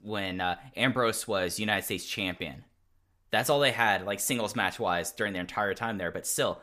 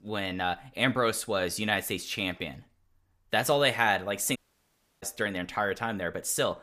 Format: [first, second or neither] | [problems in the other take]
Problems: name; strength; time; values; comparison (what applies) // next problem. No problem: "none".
first | audio cutting out; at 4.5 s for 0.5 s